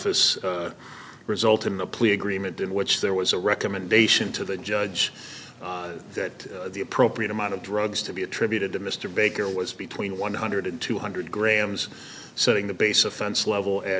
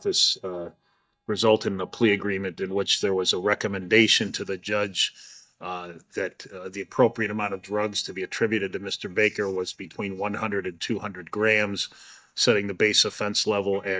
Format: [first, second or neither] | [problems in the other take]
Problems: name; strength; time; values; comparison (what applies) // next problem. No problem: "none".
first | noise reduction (neural mask model DeepFilterNet 3)